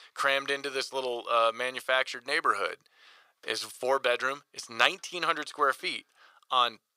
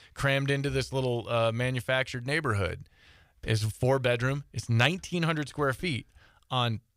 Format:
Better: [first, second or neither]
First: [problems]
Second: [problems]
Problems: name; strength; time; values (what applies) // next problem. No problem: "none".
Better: second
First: thin; very; fading below 400 Hz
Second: none